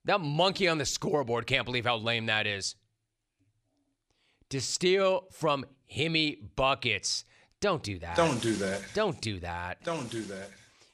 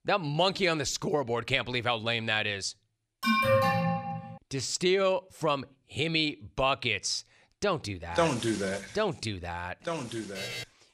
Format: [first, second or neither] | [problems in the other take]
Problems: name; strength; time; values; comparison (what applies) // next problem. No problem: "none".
first | alarm; loud; at 3 s; peak 6 dB above the speech // alarm; noticeable; at 10 s; peak 7 dB below the speech